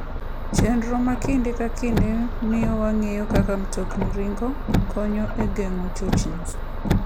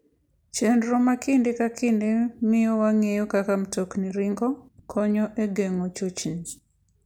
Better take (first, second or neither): second